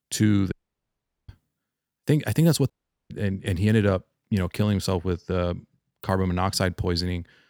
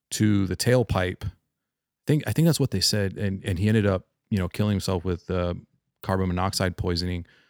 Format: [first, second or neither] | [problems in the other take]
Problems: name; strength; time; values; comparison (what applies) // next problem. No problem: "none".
second | audio cutting out; at 0.5 s for 1 s and at 2.5 s